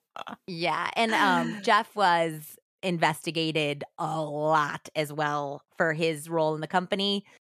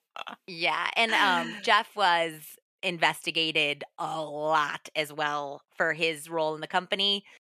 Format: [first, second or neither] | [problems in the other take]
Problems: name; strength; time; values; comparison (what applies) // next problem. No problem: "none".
first | thin; very slightly; fading below 400 Hz